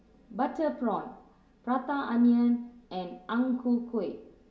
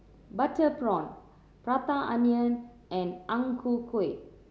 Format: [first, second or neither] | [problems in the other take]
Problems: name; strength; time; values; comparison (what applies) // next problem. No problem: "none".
second | room echo; dies away in 0.2 s